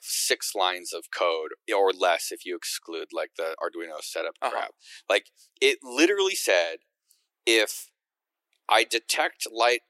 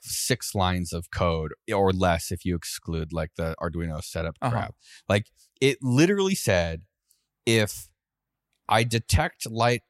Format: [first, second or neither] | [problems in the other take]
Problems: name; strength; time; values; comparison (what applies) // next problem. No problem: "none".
second | thin; very; fading below 350 Hz